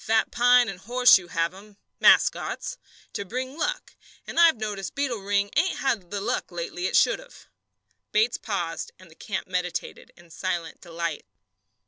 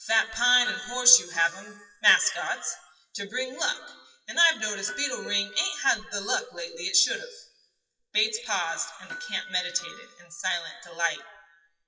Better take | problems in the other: first | noise reduction (classical method WPE with log-MMSE)

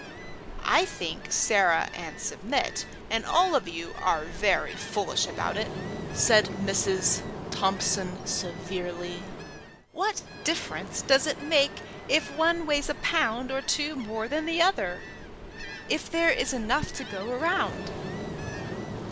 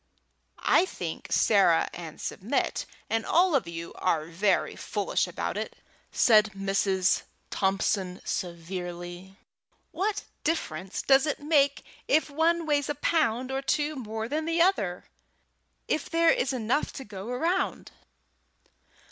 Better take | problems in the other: second | background sound (Ocean); 9 dB below the speech

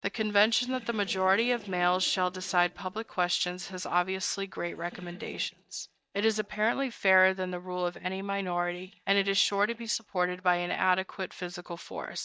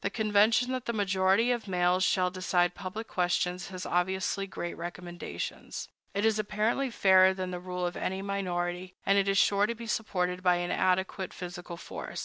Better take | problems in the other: second | noise reduction (neural mask model DeepFilterNet 3)

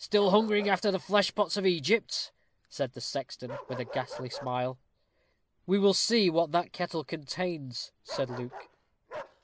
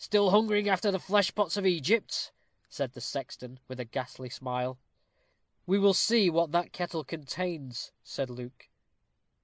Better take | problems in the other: second | background sound (Bark); 17 dB below the speech

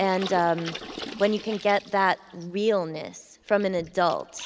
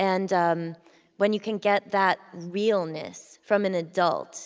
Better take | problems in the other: second | background sound (Water / Splash, splatter); 16 dB below the speech

